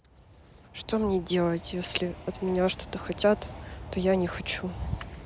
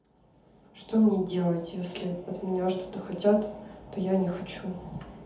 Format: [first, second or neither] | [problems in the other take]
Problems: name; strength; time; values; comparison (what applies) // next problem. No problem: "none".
first | room echo; dies away in 0.6 s